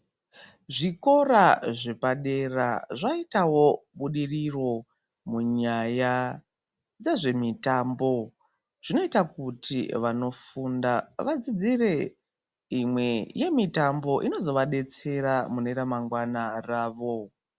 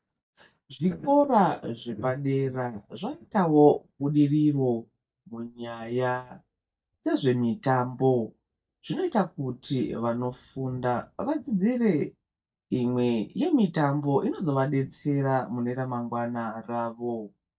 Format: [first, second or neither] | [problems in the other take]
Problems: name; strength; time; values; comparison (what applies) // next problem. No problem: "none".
first | noise reduction (neural mask model DeepFilterNet 3)